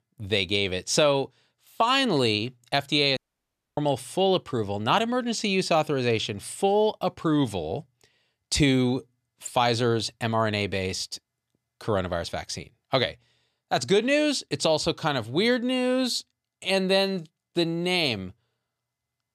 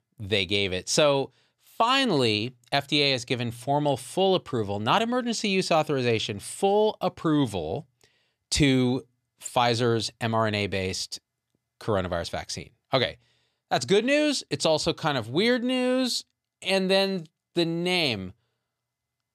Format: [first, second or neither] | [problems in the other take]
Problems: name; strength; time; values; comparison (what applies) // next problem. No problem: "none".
second | audio cutting out; at 3 s for 0.5 s